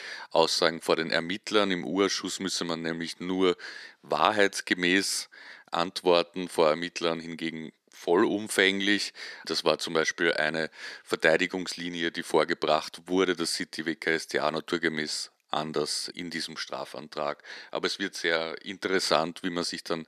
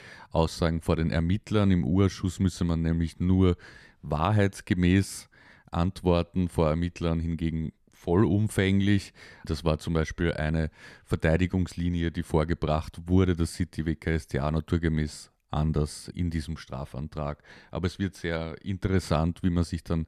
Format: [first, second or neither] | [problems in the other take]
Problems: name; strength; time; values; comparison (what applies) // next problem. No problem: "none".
second | thin; somewhat; fading below 350 Hz